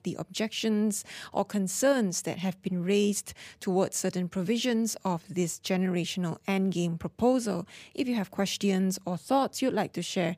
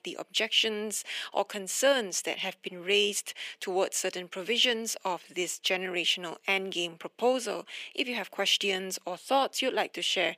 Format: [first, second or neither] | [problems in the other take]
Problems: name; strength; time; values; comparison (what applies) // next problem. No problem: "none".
first | thin; somewhat; fading below 350 Hz